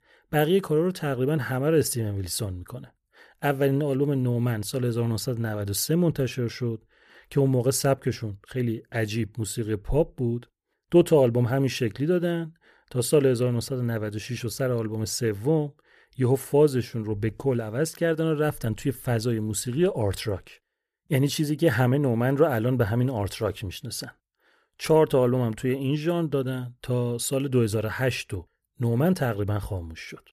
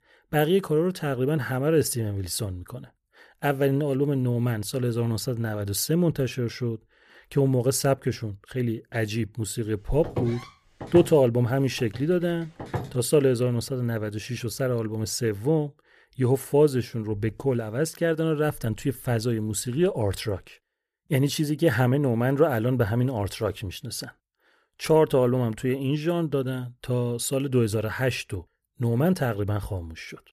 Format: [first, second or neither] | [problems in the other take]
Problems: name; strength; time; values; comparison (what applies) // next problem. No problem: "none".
first | footsteps; noticeable; from 10 to 13 s; peak 7 dB below the speech